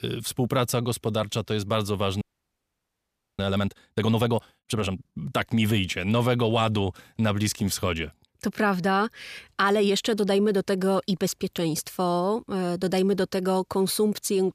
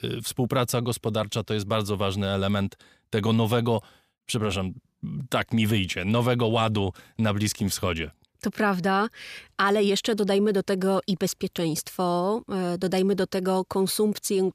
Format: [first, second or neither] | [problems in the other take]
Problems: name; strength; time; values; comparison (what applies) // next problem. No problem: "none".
second | audio freezing; at 2 s for 1 s